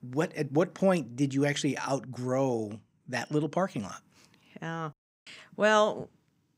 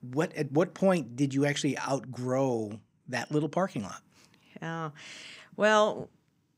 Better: second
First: audio cutting out; at 5 s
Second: none

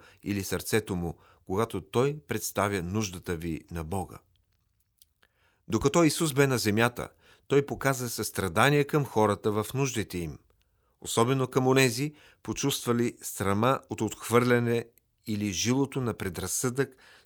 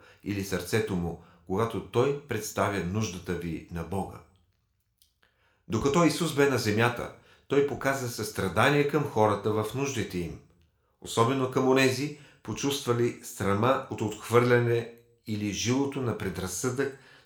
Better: first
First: none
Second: room echo; very slight; dies away in 0.4 s

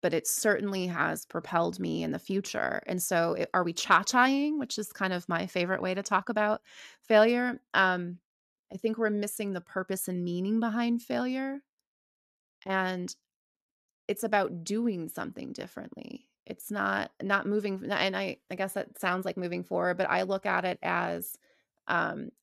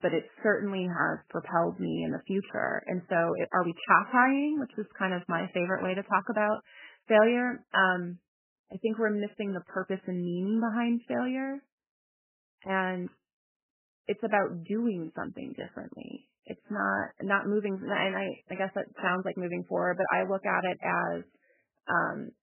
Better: first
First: none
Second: garbled, watery; badly; nothing above 3 kHz

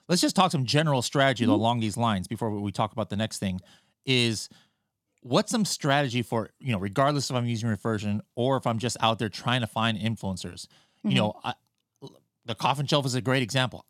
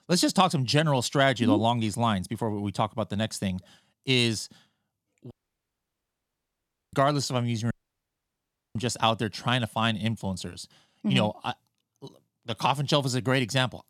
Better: first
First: none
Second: audio cutting out; at 5.5 s for 1.5 s and at 7.5 s for 1 s

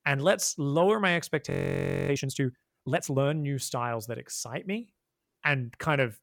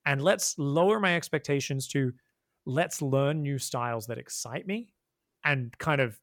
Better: second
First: audio freezing; at 1.5 s for 0.5 s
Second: none

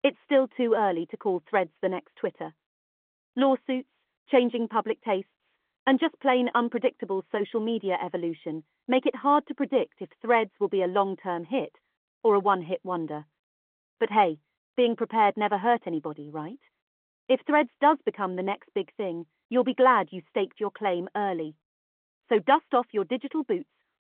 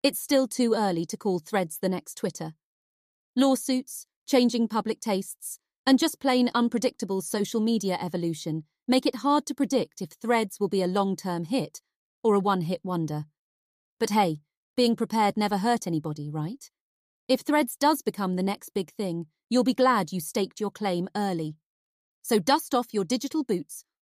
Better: second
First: phone-call audio; nothing above 3.5 kHz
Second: none

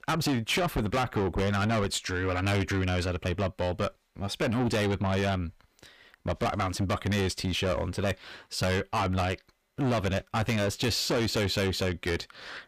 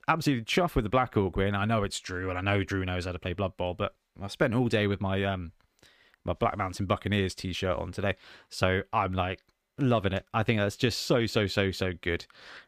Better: second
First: distortion; heavy; 6 dB below the speech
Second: none

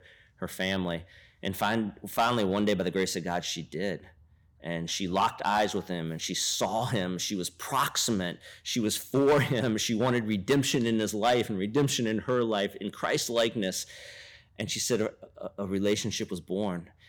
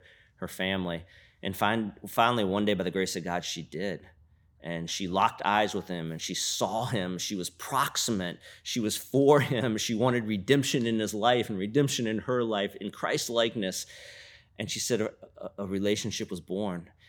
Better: second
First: distortion; slight; 2% of the sound clipped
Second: none

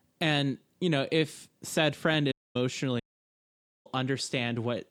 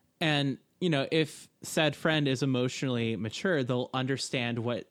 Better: second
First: audio cutting out; at 2.5 s and at 3 s for 1 s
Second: none

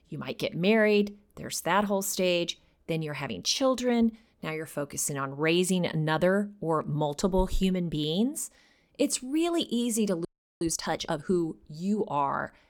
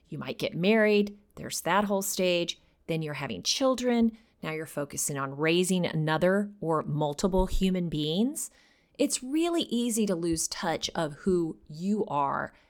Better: second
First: audio freezing; at 10 s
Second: none

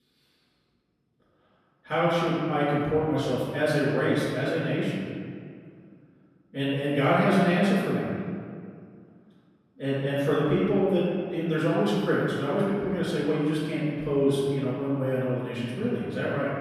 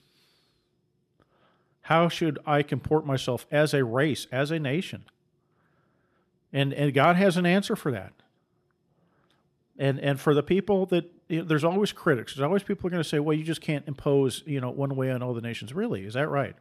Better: second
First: off-mic speech; far // room echo; strong; dies away in 1.9 s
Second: none

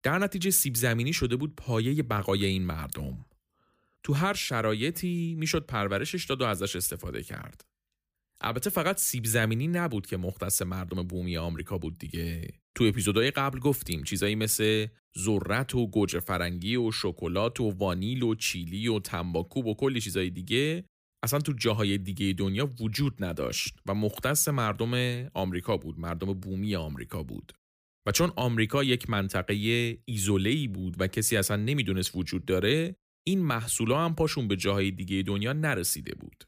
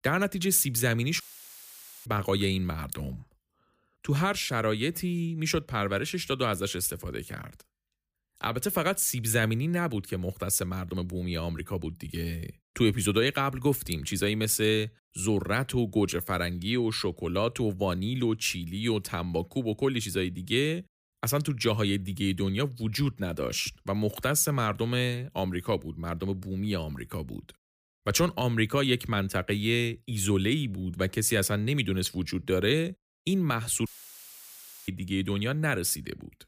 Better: first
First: none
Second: audio cutting out; filled with static; at 1 s for 1 s and at 34 s for 1 s

